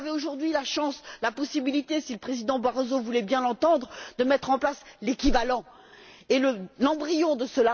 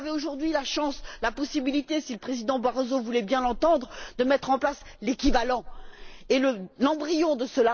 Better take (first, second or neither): first